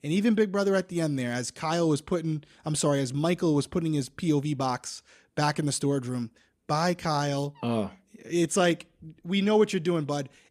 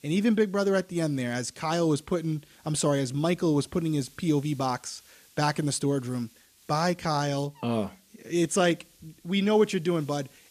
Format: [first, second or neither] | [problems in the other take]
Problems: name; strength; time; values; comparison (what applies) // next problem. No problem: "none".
first | hiss; faint; throughout; 30 dB below the speech